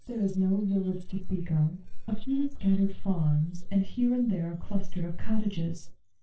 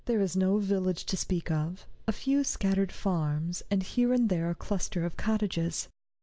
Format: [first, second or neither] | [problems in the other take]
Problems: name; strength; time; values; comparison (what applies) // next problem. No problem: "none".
second | noise reduction (neural separator model SepFormer DNS4)